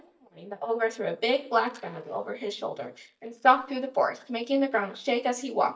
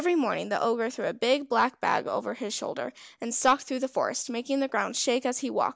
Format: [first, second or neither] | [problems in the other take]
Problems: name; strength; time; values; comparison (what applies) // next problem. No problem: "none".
second | noise reduction (neural mask model DeepFilterNet 3)